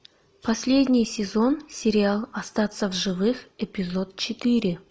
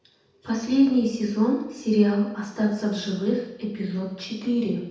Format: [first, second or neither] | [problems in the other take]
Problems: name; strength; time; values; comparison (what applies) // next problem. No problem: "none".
first | room echo; dies away in 0.8 s